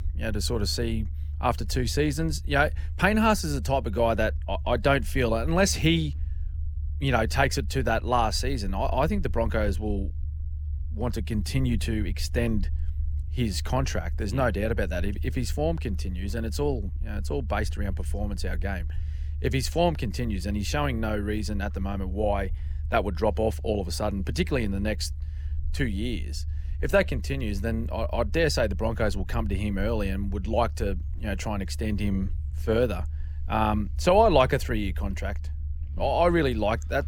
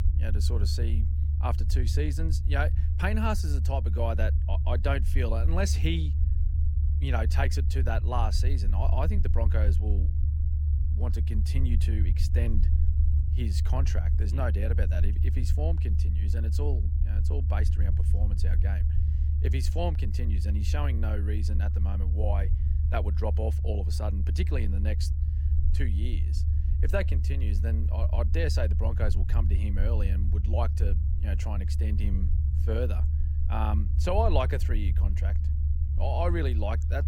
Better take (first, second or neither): first